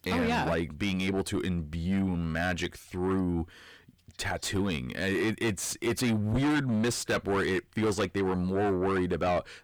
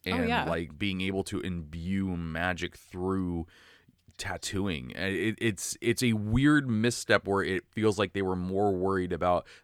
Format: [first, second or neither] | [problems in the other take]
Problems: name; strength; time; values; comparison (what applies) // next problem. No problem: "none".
second | distortion; heavy; 7 dB below the speech